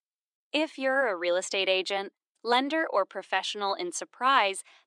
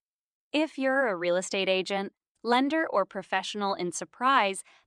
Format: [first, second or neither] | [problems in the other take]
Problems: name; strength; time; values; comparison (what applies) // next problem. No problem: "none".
second | thin; very slightly; fading below 300 Hz